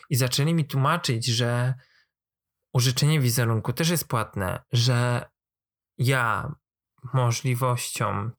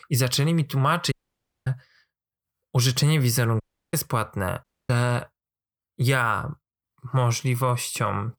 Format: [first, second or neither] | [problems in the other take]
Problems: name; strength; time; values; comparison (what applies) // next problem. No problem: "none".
first | audio cutting out; at 1 s for 0.5 s, at 3.5 s and at 4.5 s